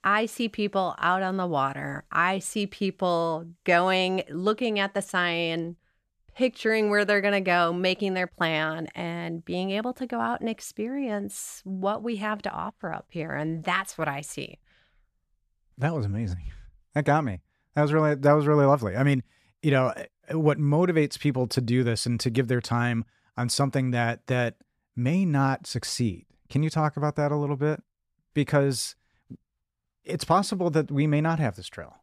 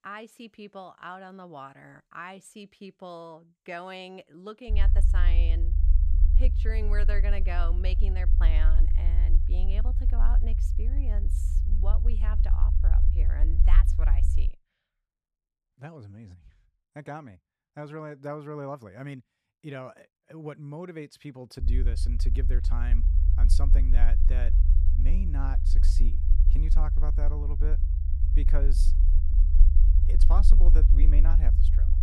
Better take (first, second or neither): first